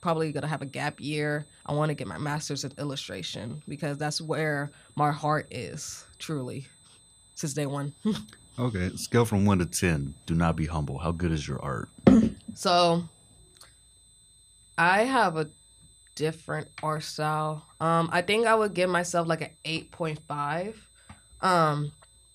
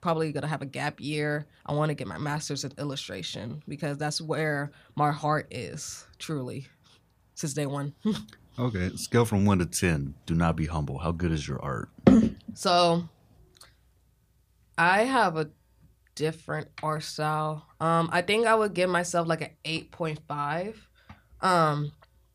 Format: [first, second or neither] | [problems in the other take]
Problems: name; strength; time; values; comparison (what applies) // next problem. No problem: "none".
second | high-pitched whine; faint; throughout; 8 kHz, 30 dB below the speech